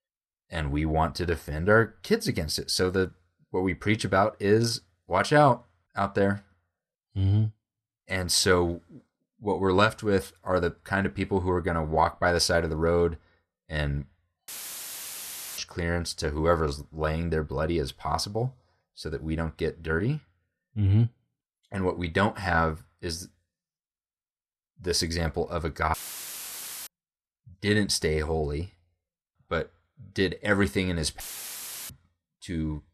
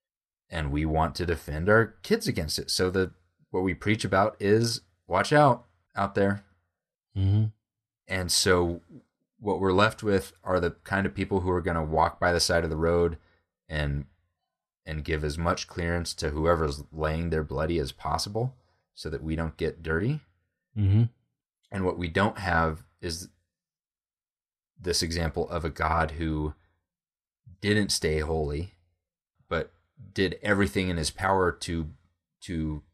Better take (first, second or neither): second